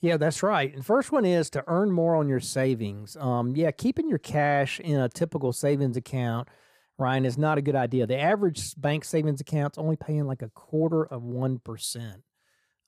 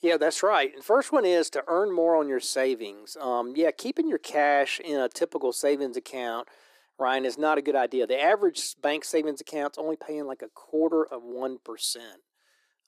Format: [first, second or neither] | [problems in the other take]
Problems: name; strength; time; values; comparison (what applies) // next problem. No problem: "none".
first | thin; somewhat; fading below 300 Hz